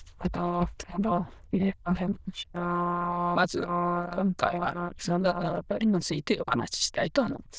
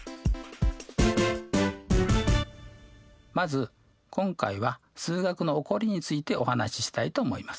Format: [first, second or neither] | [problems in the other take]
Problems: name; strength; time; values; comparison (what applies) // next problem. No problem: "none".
second | noise reduction (neural diffusion model UNIVERSE++)